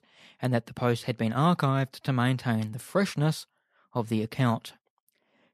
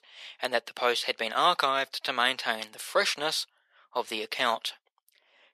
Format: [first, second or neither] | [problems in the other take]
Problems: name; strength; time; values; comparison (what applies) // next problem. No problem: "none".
first | thin; very; fading below 500 Hz